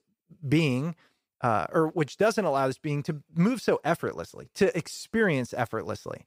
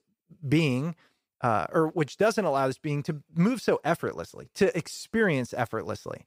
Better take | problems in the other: neither | none

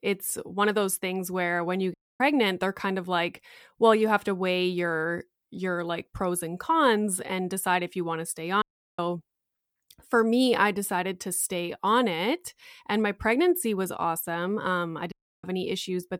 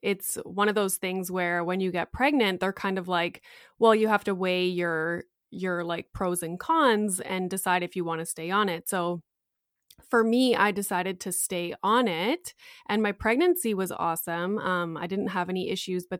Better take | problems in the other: second | audio cutting out; at 2 s, at 8.5 s and at 15 s

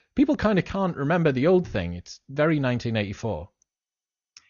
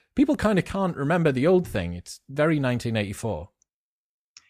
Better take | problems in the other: second | garbled, watery; slightly; nothing above 6.5 kHz

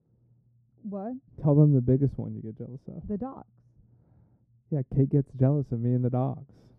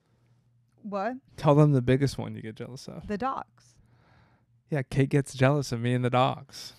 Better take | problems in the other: second | muffled; very; fading above 1 kHz

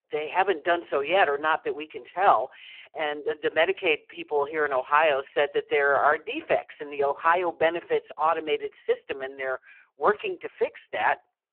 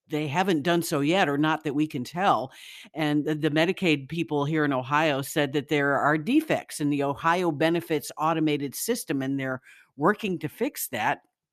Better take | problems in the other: second | phone-call audio; poor line

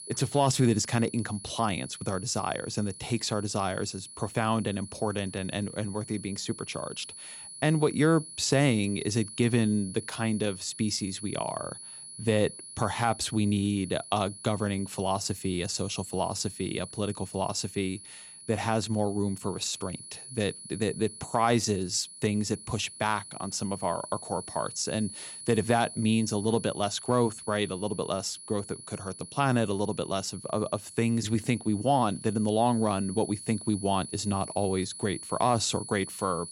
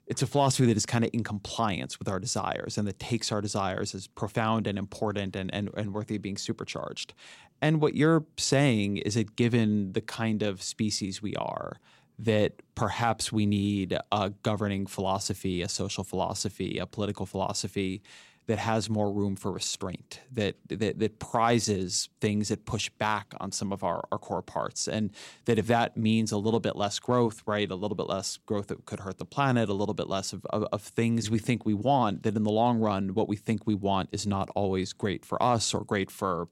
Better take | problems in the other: second | high-pitched whine; noticeable; throughout; 10.5 kHz, 10 dB below the speech

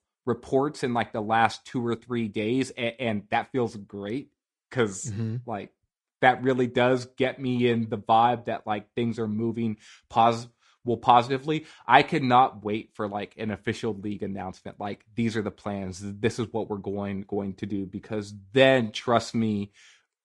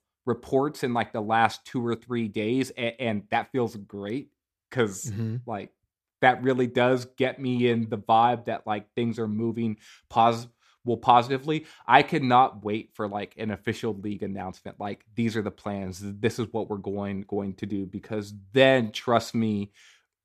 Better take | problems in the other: second | garbled, watery; slightly

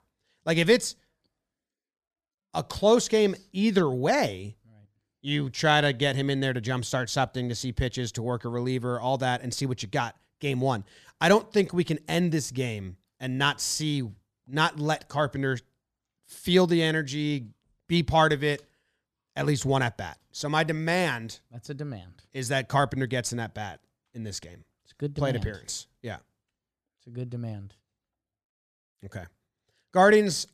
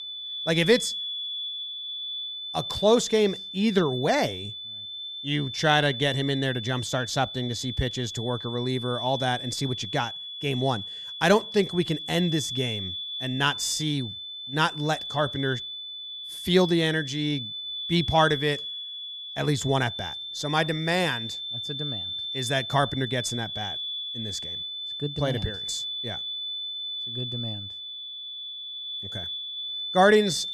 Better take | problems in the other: first | high-pitched whine; loud; throughout; 3.5 kHz, 6 dB below the speech

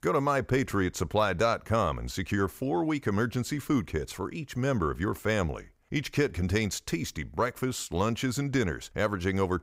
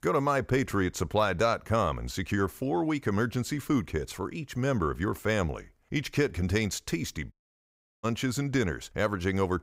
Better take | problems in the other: first | audio cutting out; at 7.5 s for 0.5 s

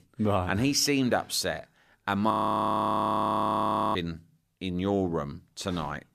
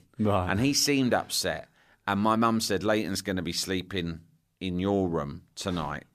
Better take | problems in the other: second | audio freezing; at 2.5 s for 1.5 s

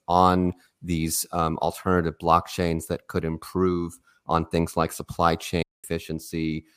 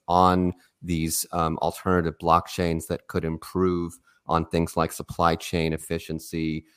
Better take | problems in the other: second | audio cutting out; at 5.5 s

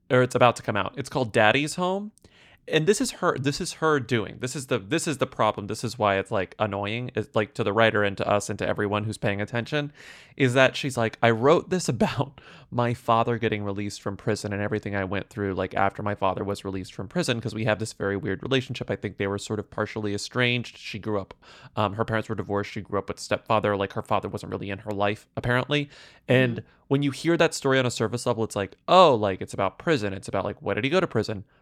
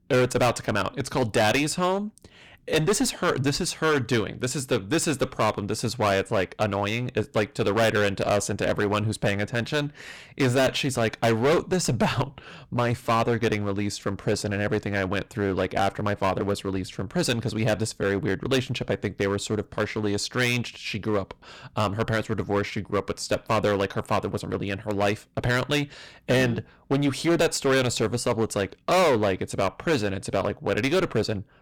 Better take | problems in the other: first | distortion; heavy; 11% of the sound clipped

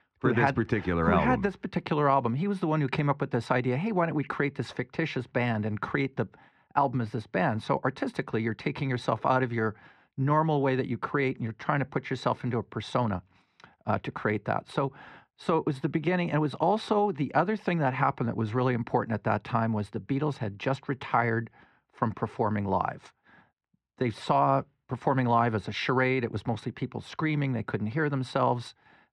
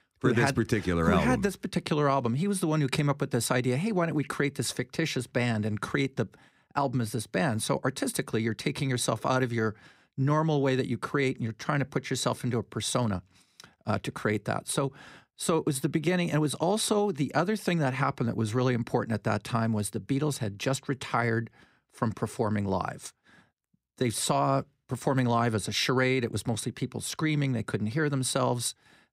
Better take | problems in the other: second | muffled; very; fading above 2.5 kHz

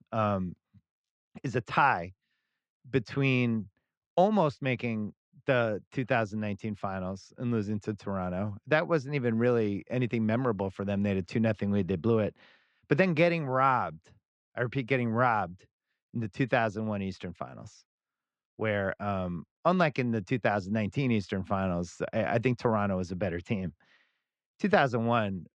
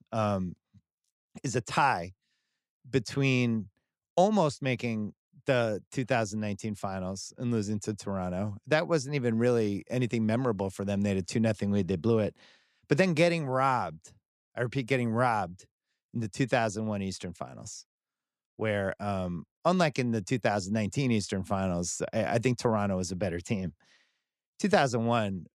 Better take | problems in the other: second | muffled; slightly; fading above 3 kHz

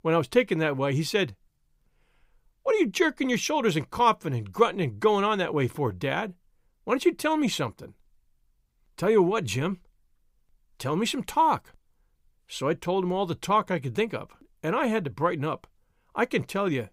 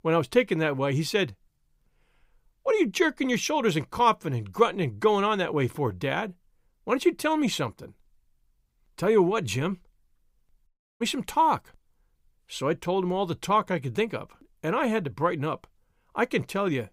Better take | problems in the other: first | audio cutting out; at 11 s

